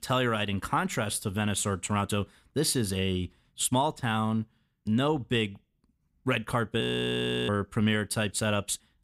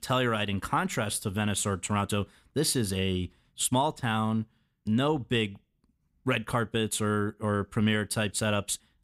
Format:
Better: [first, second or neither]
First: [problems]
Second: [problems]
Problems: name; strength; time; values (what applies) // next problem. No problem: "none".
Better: second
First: audio freezing; at 7 s for 0.5 s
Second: none